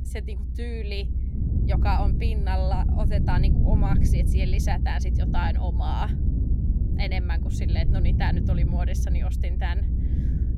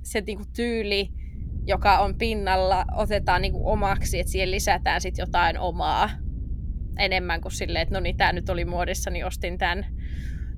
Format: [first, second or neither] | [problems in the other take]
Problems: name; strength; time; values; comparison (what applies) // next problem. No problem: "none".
second | low rumble; loud; throughout; 4 dB below the speech; faint in the second